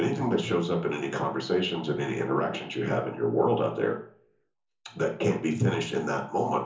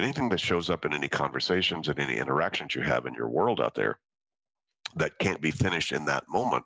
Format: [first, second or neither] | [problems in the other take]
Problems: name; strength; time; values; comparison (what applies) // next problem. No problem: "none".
second | room echo; dies away in 0.8 s